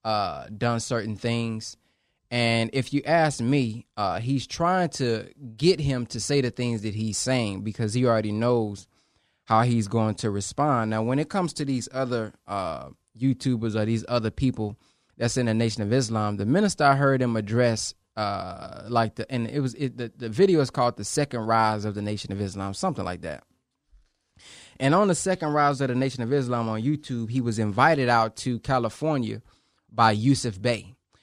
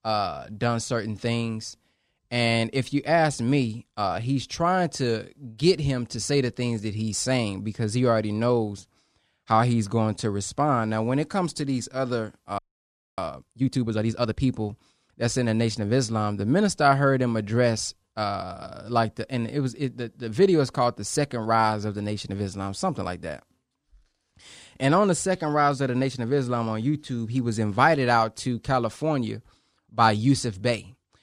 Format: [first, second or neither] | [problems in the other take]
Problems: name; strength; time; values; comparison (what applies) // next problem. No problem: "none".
first | audio freezing; at 13 s for 0.5 s